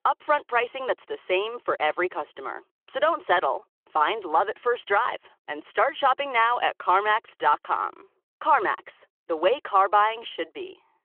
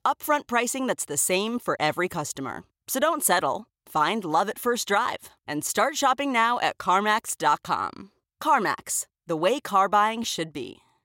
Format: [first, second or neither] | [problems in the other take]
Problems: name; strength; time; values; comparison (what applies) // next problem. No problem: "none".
second | phone-call audio